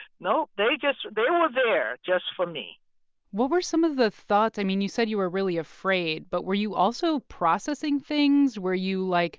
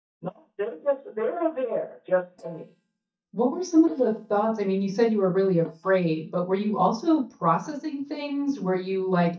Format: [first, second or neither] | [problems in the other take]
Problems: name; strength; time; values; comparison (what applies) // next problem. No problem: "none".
first | noise reduction (neural mask model DeepFilterNet 3)